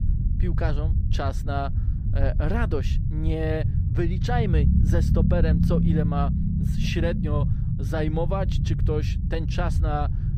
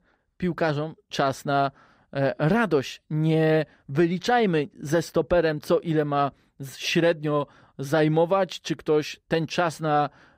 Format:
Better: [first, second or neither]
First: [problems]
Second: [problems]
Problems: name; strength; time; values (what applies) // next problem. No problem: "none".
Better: second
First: low rumble; loud; throughout; 6 dB below the speech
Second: none